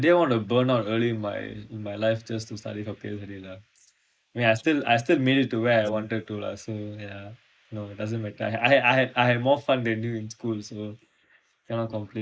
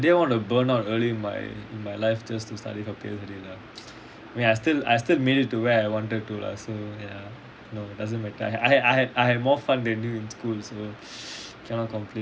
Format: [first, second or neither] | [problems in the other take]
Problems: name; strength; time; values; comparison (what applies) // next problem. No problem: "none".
second | noise reduction (neural mask model Resemble Enhance denoiser)